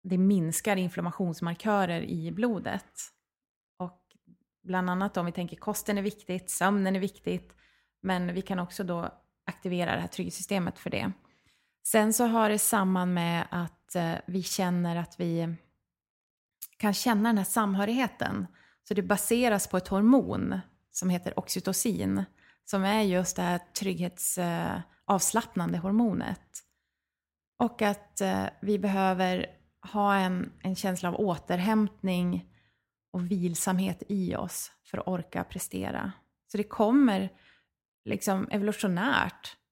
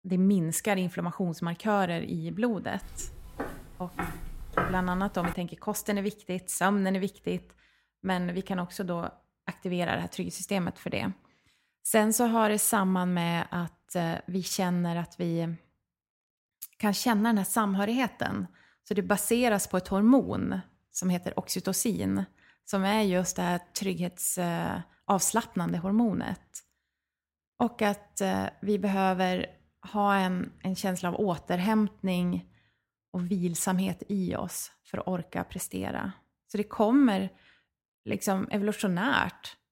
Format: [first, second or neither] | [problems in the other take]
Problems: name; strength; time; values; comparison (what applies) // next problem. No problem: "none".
first | footsteps; noticeable; from 3 to 5.5 s; peak 2 dB below the speech